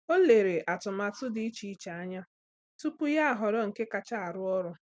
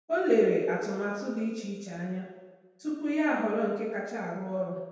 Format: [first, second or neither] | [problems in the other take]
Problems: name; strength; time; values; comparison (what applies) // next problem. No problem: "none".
first | room echo; dies away in 1.1 s